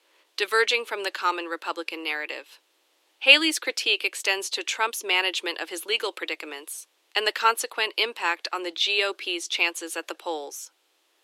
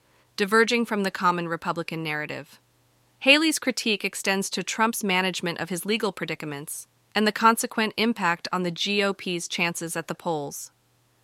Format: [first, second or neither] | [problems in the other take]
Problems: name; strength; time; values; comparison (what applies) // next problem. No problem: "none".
second | thin; very; fading below 300 Hz